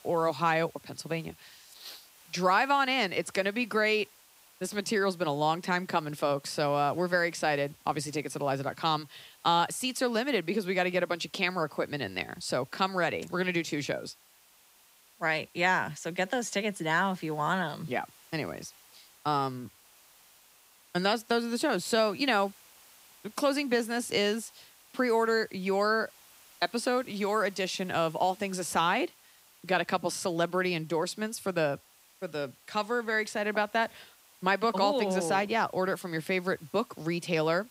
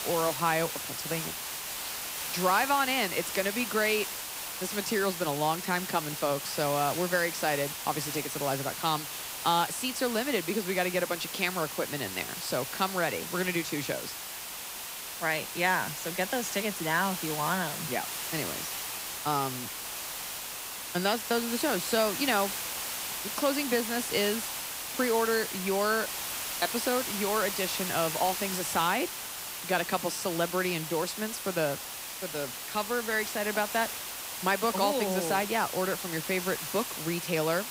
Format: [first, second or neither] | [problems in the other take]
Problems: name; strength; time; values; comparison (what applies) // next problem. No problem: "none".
first | hiss; loud; throughout; 4 dB below the speech; faint in the first